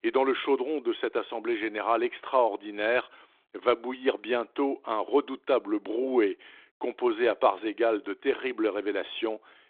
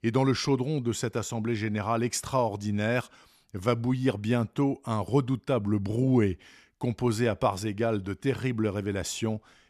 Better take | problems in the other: second | phone-call audio; nothing above 3.5 kHz

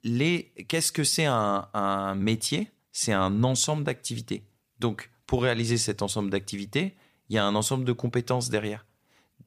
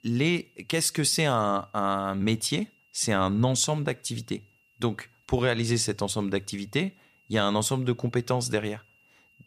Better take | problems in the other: first | high-pitched whine; faint; throughout; 3 kHz, 35 dB below the speech

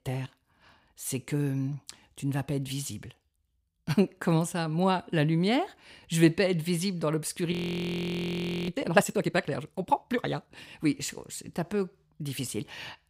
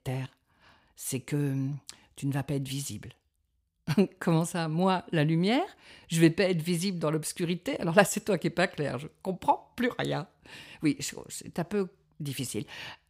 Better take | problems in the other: second | audio freezing; at 7.5 s for 1 s

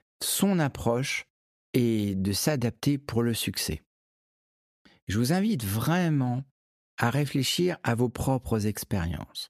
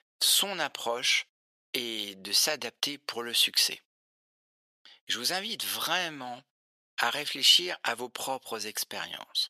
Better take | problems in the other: first | thin; very; fading below 700 Hz

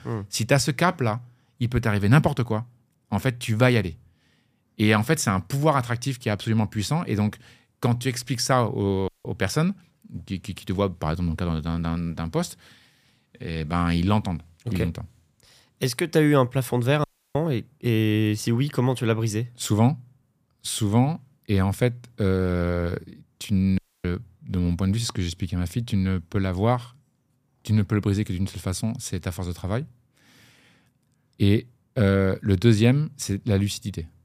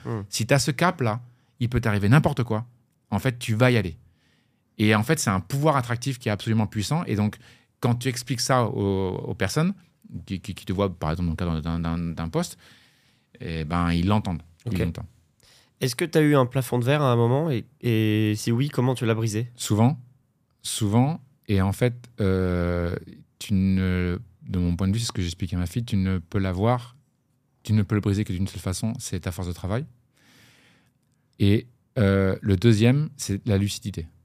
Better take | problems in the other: second | audio cutting out; at 9 s, at 17 s and at 24 s

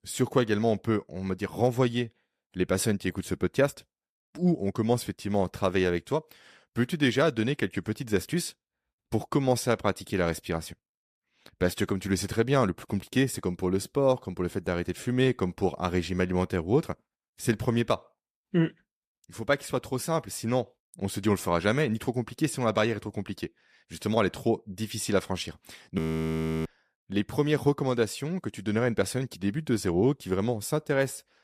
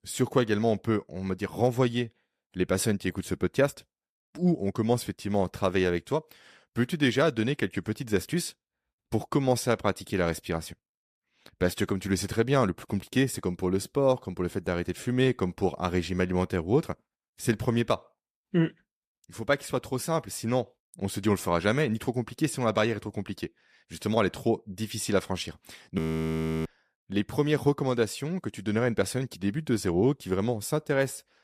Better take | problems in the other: neither | audio freezing; at 26 s for 0.5 s; the same in both

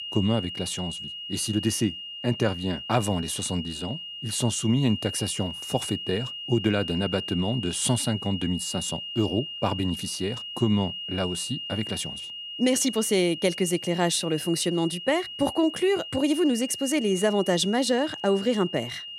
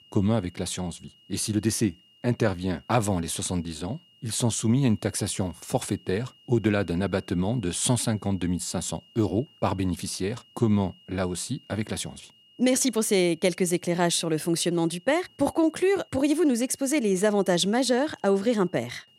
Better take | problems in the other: second | high-pitched whine; loud; throughout; 3 kHz, 8 dB below the speech; faint in the second

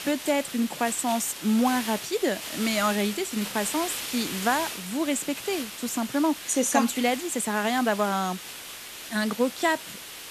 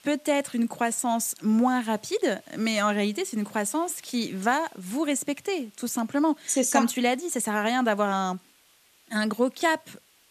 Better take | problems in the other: second | hiss; loud; throughout; 8 dB below the speech; faint in the second

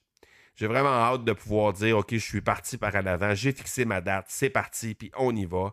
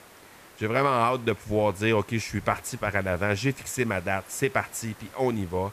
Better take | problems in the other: first | hiss; faint; throughout; 20 dB below the speech

